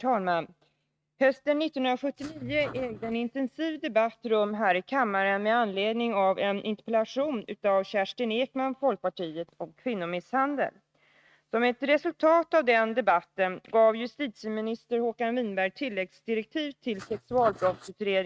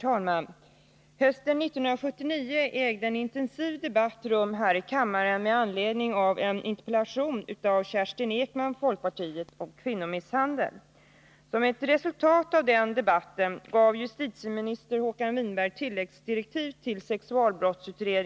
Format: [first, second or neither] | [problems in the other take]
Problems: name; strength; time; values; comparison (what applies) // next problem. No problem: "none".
second | noise reduction (neural mask model RNNoise)